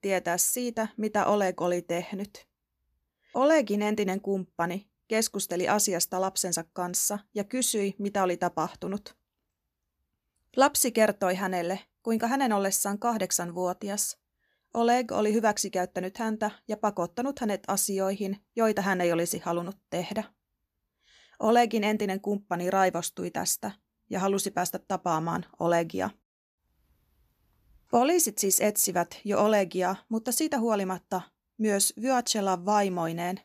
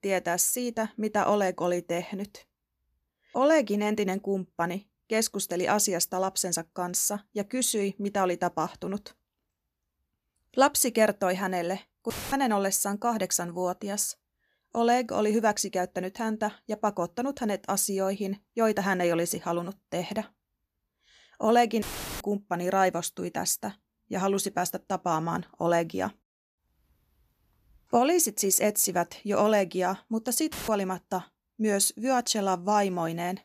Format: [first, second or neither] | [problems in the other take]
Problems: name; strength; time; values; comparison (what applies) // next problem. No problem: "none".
first | audio cutting out; filled with static; at 12 s, at 22 s and at 31 s